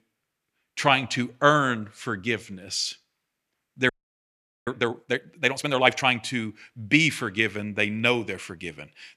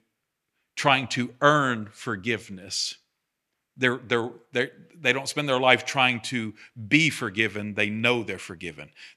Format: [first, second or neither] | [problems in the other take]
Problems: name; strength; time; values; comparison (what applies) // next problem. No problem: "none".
second | audio freezing; at 4 s for 1 s